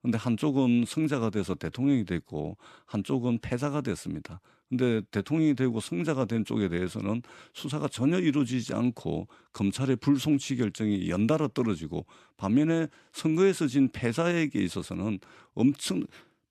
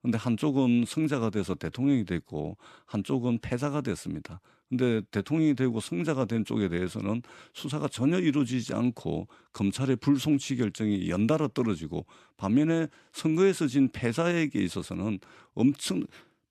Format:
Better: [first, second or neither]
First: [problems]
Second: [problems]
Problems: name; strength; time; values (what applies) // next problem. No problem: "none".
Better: neither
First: none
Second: none